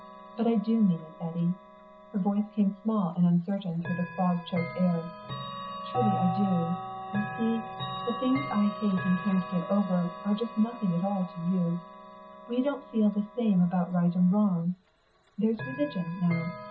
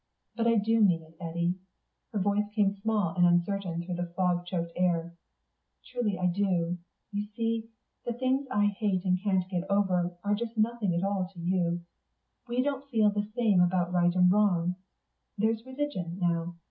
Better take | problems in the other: second | background sound (Chime / Clock); 10 dB below the speech

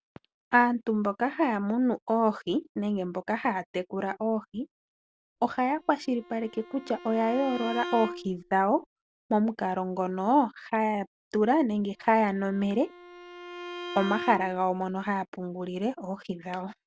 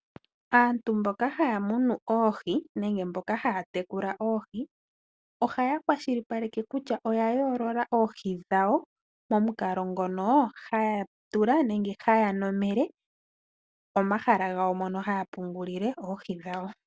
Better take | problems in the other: second | background sound (Bowed string instrument); 13 dB below the speech

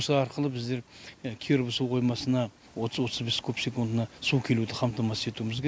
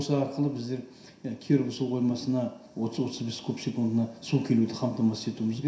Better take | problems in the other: first | room echo; dies away in 0.7 s

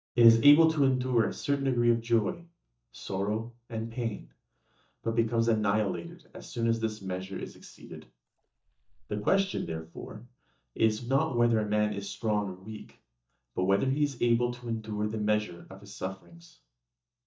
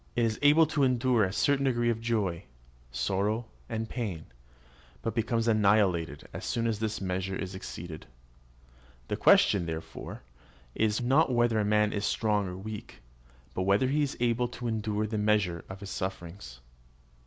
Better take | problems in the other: second | noise reduction (neural mask model DeepFilterNet 3)

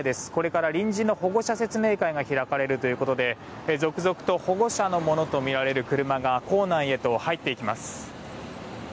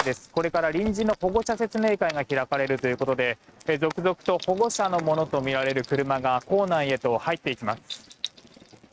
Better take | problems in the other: first | noise reduction (neural mask model RNNoise)

